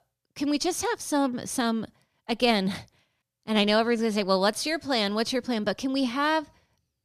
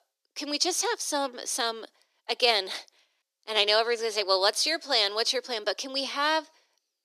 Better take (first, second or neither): first